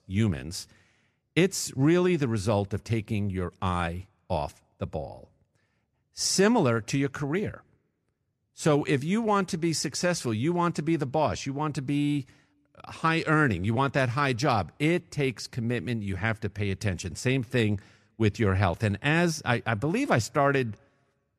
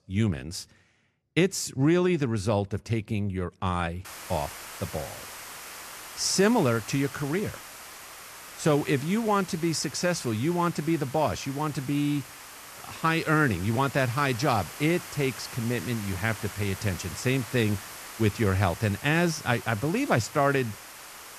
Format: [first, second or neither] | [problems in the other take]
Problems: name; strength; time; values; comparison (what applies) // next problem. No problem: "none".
first | hiss; noticeable; from 4 s on; 15 dB below the speech